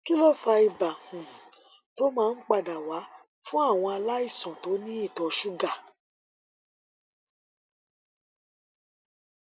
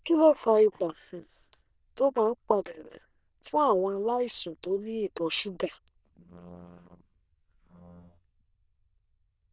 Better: first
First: none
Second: noise reduction (neural diffusion model UNIVERSE++)

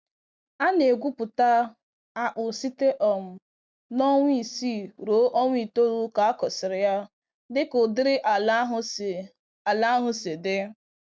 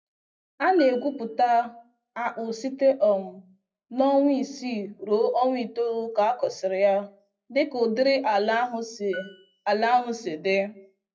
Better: first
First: none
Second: noise reduction (classical method WPE with log-MMSE)

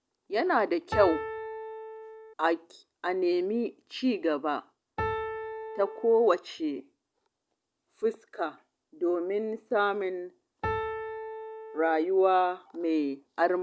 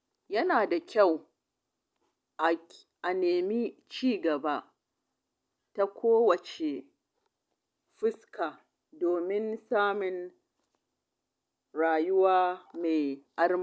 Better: second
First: background sound (Piano); 6 dB below the speech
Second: none

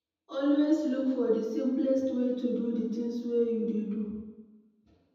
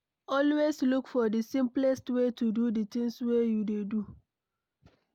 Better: second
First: room echo; dies away in 1.1 s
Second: none

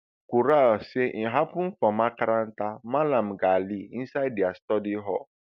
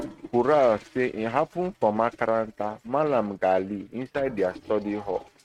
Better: first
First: none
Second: noise reduction (neural mask model RNNoise)

